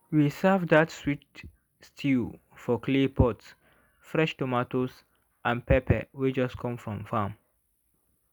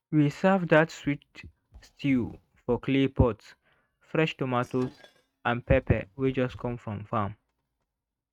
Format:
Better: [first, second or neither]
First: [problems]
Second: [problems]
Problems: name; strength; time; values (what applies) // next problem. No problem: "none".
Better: first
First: none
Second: noise reduction (neural mask model RNNoise)